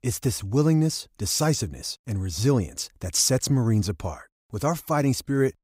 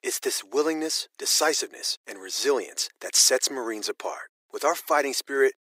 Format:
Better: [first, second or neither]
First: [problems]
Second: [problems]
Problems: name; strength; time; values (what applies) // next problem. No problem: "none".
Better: first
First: none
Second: thin; very; fading below 350 Hz